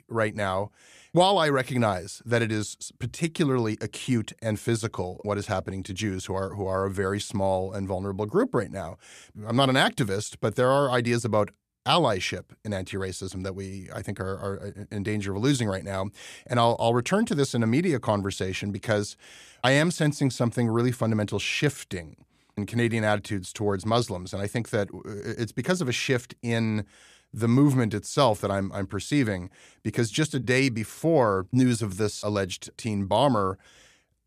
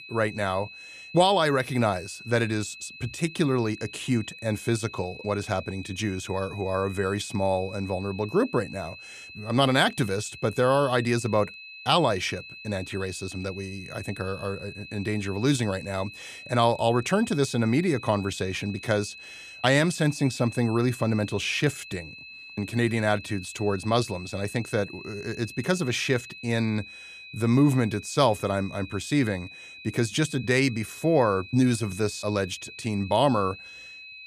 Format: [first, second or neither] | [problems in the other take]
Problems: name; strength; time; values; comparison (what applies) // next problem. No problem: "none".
first | high-pitched whine; noticeable; throughout; 2.5 kHz, 15 dB below the speech